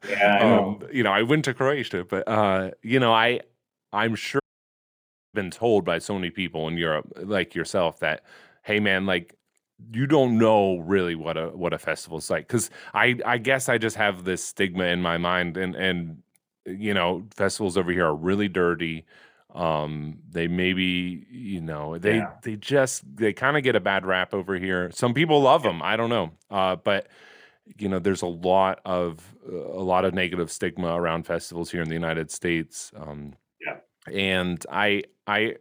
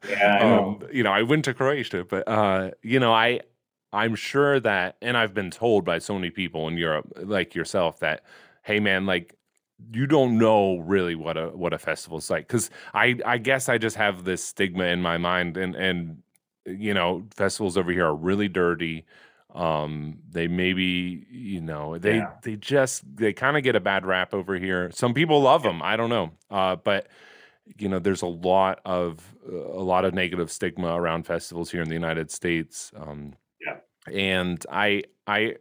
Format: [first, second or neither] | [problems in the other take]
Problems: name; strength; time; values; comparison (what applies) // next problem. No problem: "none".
second | audio cutting out; at 4.5 s for 1 s